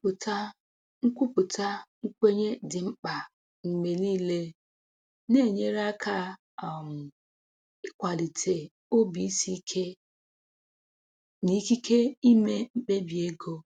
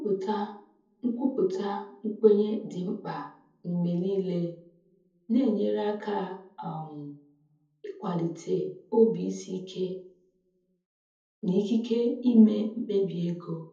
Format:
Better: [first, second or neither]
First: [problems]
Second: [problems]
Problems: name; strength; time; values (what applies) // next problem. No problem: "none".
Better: first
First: none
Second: room echo; dies away in 0.6 s